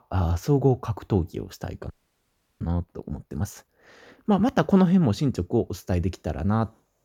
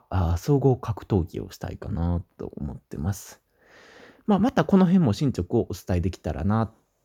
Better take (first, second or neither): second